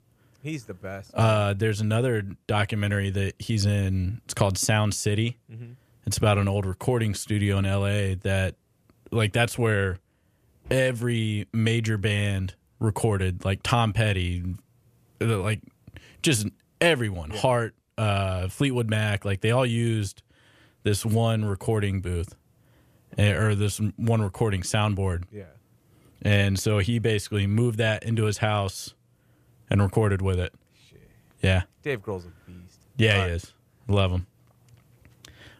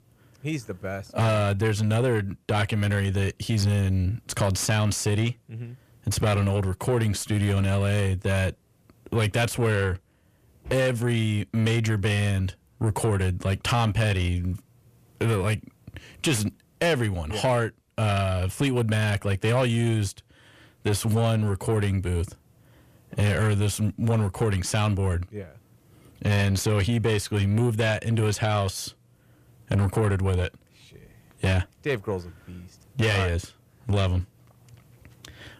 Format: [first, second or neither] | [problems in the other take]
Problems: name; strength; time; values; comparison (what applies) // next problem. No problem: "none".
first | distortion; slight; 10 dB below the speech